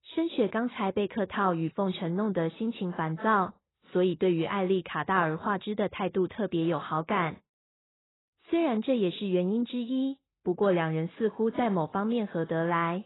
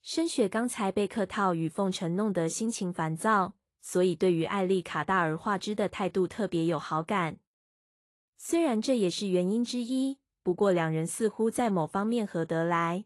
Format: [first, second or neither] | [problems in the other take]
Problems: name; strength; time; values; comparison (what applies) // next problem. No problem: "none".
second | garbled, watery; badly; nothing above 4 kHz; slightly in the second